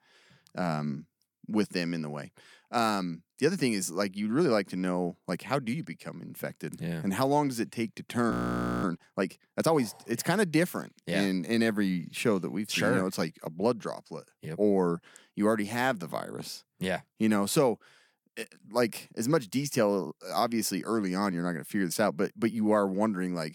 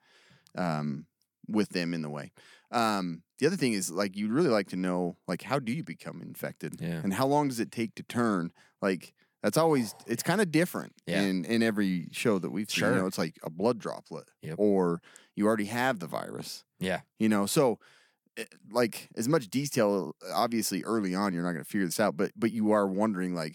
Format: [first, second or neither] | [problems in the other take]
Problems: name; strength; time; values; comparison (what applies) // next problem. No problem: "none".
second | audio freezing; at 8.5 s for 0.5 s